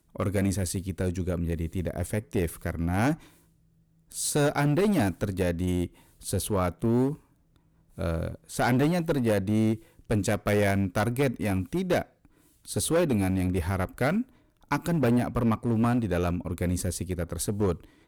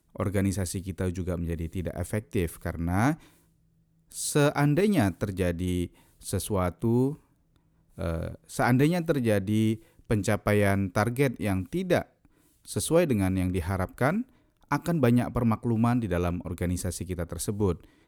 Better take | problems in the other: second | distortion; slight; 7% of the sound clipped

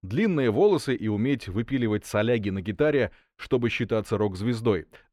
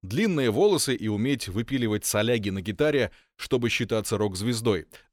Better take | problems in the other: second | muffled; slightly; fading above 3.5 kHz

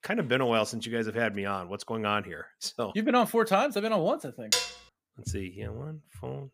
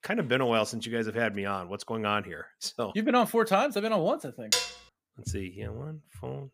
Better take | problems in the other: neither | clattering dishes; loud; at 4.5 s; peak 2 dB above the speech; the same in both

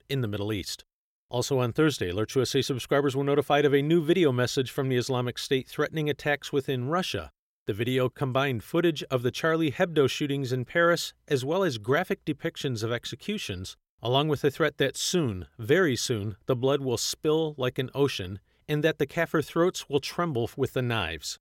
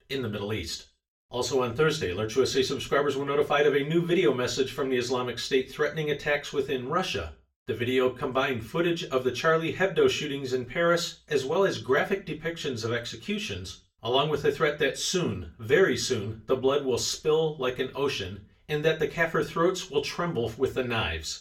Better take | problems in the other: first | room echo; very slight; dies away in 0.3 s // off-mic speech; far

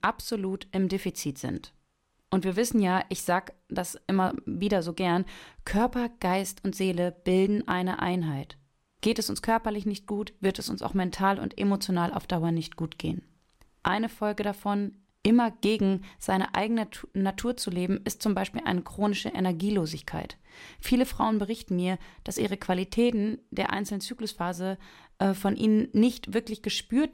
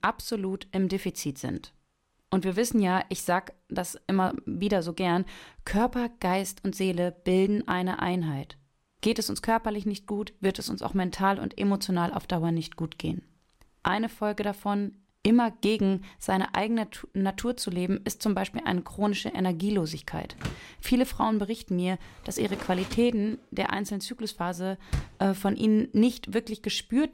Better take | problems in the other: first | door banging; noticeable; from 20 to 25 s; peak 7 dB below the speech

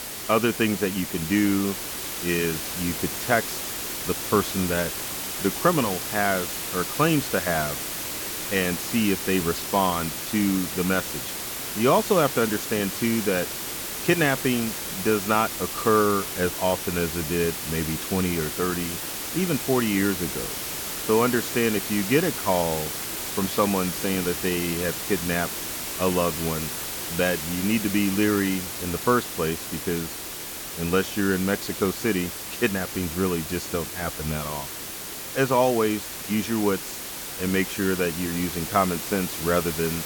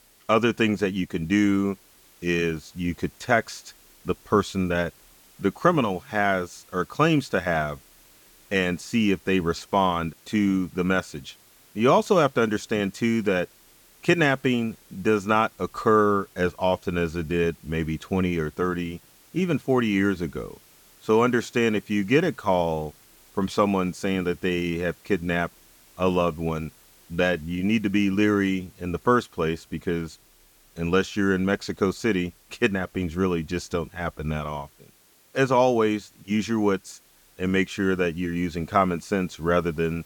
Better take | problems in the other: second | hiss; loud; throughout; 4 dB below the speech; faint in the second

